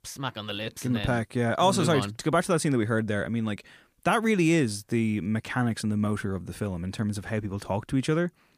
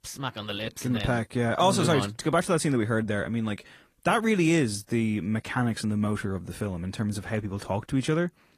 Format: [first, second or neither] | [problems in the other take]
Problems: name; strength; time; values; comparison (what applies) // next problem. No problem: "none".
first | garbled, watery; slightly; nothing above 14.5 kHz